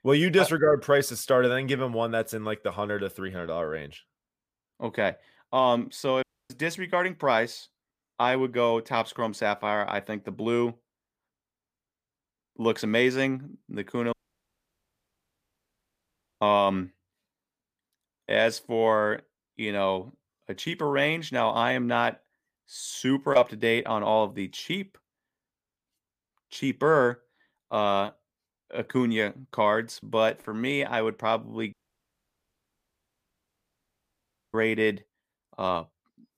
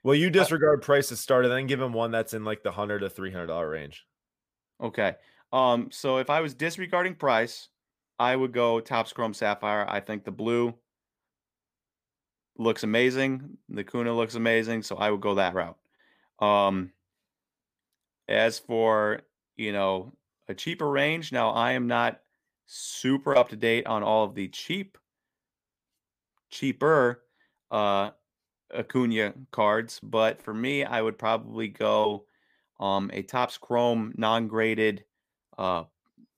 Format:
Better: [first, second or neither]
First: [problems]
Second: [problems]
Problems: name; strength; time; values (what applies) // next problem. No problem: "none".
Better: second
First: audio cutting out; at 6 s, at 14 s for 2.5 s and at 32 s for 3 s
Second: none